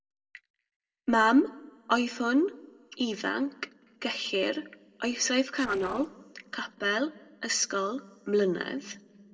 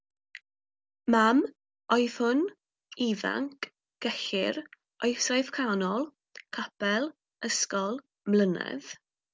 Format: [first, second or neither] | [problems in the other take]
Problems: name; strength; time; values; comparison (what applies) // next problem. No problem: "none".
second | noise reduction (neural separator model SepFormer DNS4)